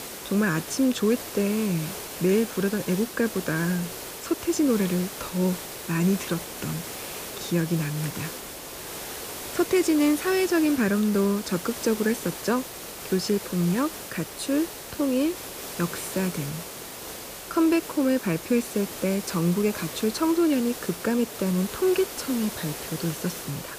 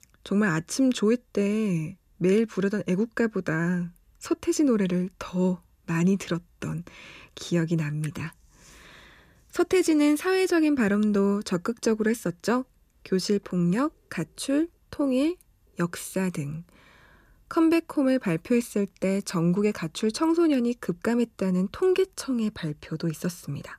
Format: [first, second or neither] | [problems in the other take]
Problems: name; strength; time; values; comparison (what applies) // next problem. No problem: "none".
second | hiss; loud; throughout; 9 dB below the speech